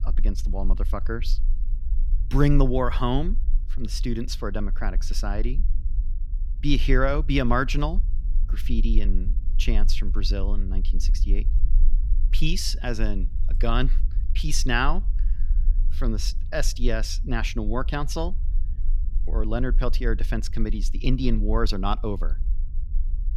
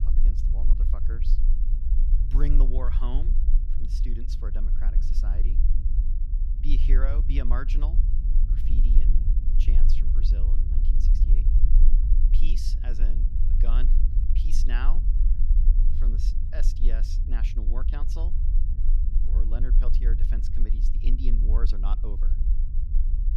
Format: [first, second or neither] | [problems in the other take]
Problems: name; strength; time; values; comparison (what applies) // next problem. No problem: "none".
first | low rumble; loud; throughout; 5 dB below the speech; faint in the first